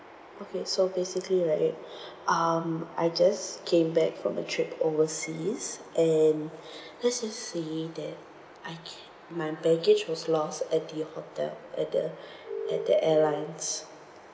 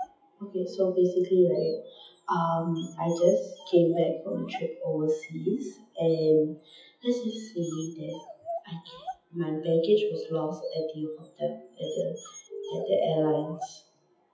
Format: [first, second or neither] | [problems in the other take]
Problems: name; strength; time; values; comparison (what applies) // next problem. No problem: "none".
first | noise reduction (classical method WPE with log-MMSE)